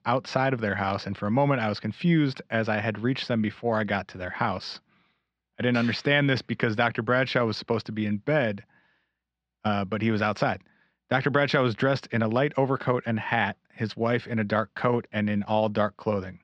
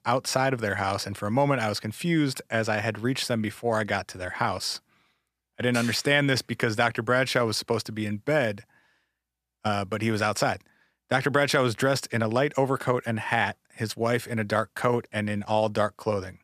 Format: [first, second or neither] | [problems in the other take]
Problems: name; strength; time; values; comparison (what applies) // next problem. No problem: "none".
second | muffled; very slightly; fading above 4 kHz